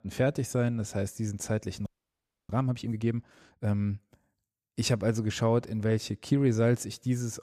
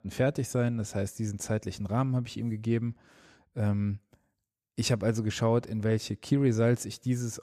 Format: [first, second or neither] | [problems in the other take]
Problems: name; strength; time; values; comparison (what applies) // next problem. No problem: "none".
second | audio freezing; at 2 s for 0.5 s